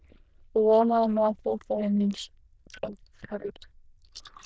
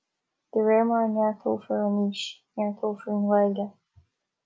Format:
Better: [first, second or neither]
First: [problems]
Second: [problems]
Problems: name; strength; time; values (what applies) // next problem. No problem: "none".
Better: second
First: noise reduction (neural diffusion model UNIVERSE++)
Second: none